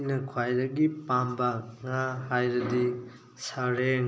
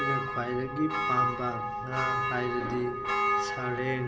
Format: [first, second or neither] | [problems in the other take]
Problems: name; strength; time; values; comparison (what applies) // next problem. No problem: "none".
first | background sound (Church bell); 2 dB above the speech